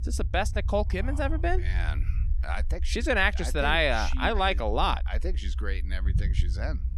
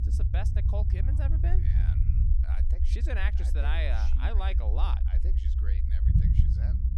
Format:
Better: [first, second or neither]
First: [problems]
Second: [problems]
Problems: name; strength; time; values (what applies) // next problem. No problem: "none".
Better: first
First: low rumble; faint; throughout; 25 dB below the speech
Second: low rumble; loud; throughout; 5 dB below the speech